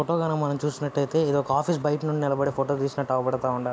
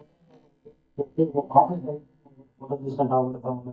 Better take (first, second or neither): first